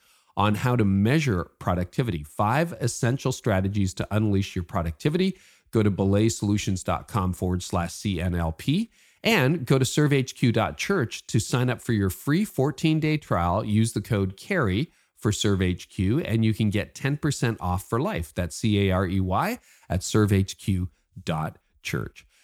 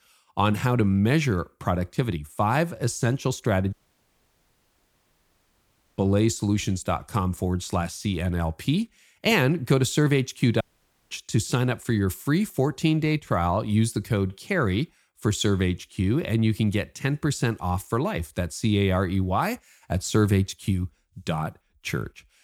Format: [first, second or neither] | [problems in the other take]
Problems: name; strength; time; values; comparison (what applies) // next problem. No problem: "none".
first | audio cutting out; at 3.5 s for 2.5 s and at 11 s for 0.5 s